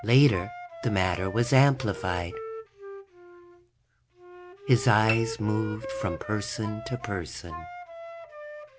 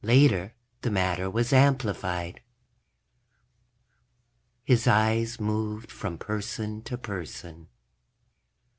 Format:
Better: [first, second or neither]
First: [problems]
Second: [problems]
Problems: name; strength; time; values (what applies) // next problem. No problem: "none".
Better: second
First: background sound (Piano + Wind instrument, woodwind instrument); 11 dB below the speech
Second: none